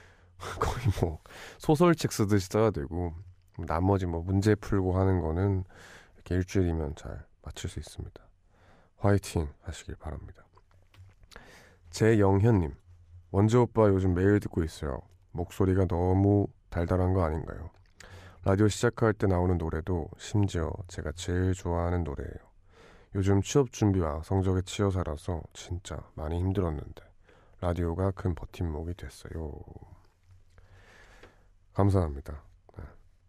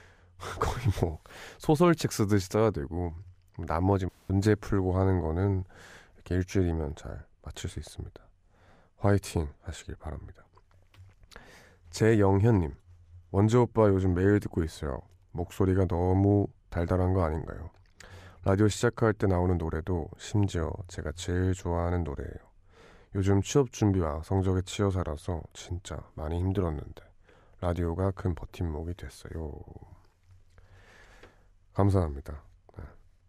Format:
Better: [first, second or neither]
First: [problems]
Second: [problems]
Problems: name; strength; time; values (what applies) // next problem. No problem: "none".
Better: first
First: none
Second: audio cutting out; at 4 s